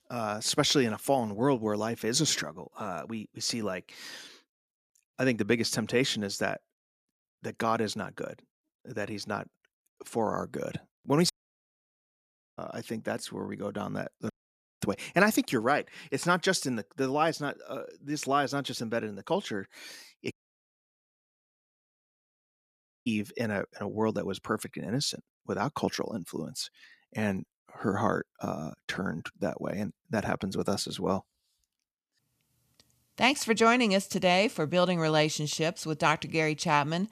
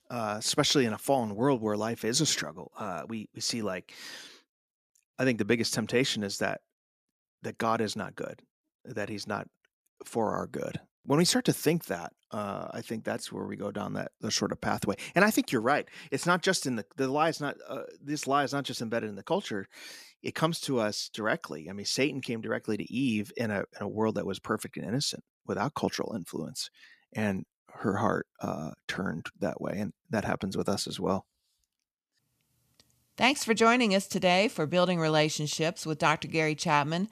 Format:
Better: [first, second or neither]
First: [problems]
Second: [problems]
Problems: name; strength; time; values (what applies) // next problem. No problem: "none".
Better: second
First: audio cutting out; at 11 s for 1.5 s, at 14 s for 0.5 s and at 20 s for 2.5 s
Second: none